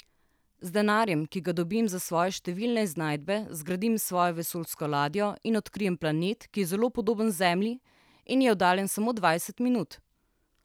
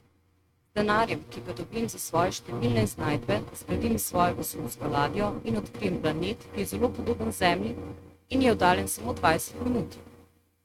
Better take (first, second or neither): first